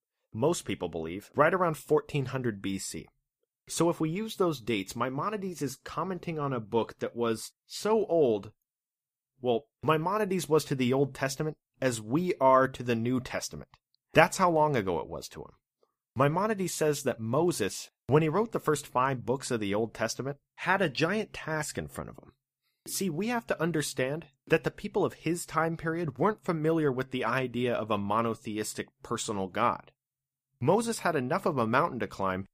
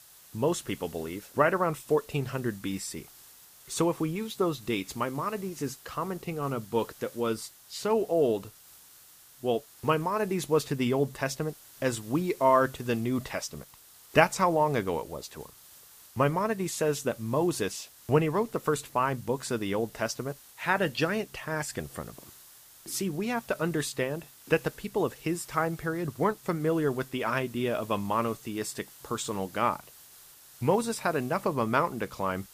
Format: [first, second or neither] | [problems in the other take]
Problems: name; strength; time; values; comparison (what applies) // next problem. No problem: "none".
first | hiss; faint; throughout; 20 dB below the speech